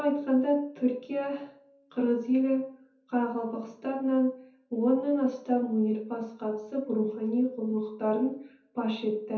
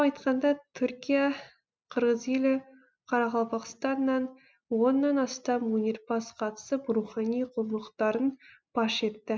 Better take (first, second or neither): second